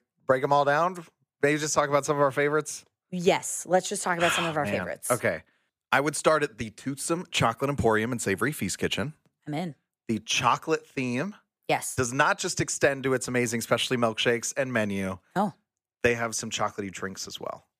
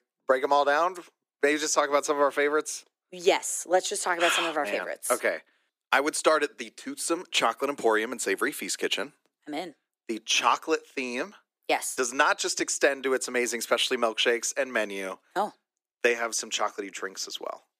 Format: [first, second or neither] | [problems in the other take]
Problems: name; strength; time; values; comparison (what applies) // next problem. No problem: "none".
first | thin; somewhat; fading below 300 Hz